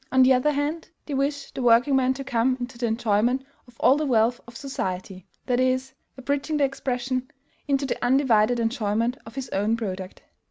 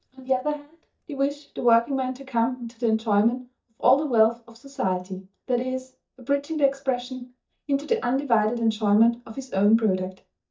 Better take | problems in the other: first | noise reduction (neural mask model DeepFilterNet 3)

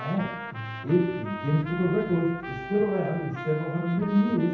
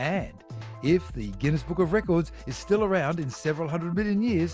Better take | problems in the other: second | background sound (Trumpet); 11 dB below the speech // room echo; dies away in 0.9 s

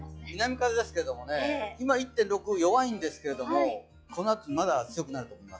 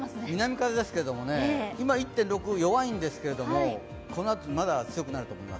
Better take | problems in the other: second | noise reduction (classical method log-MMSE)

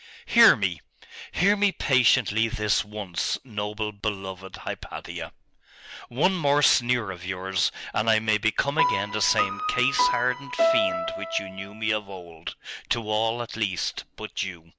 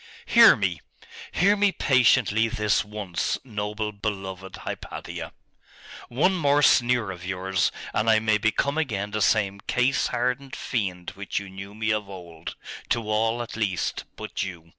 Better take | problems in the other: second | background sound (Piano); as loud as the speech

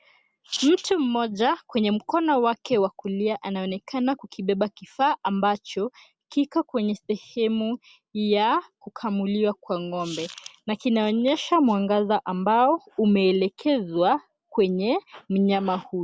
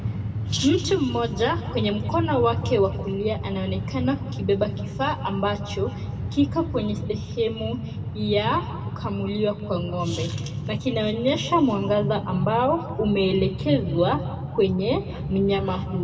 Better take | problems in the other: first | background sound (Train); 5 dB below the speech // room echo; dies away in 1.5 s

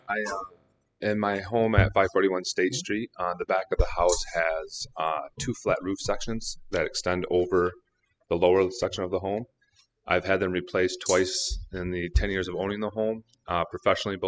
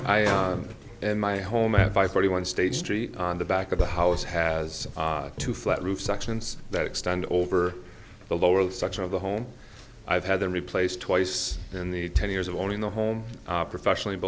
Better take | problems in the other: second | noise reduction (classical method spectral subtraction)

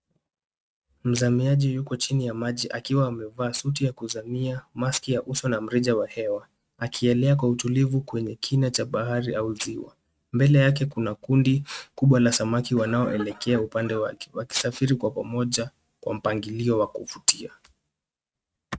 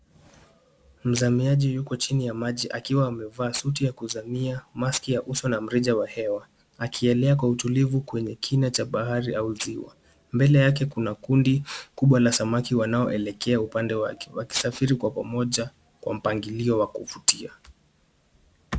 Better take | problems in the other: second | noise reduction (neural mask model RNNoise)

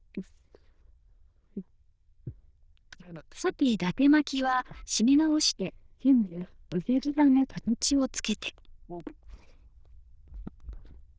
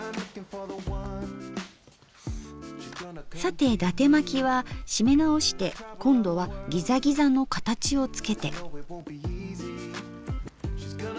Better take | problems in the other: second | noise reduction (neural diffusion model UNIVERSE++)

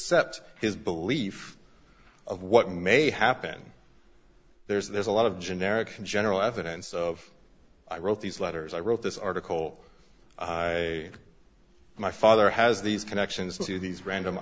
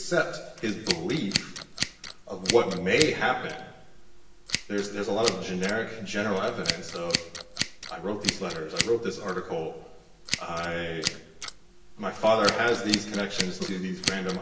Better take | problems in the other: first | background sound (Scissors); 6 dB below the speech // room echo; dies away in 1.1 s

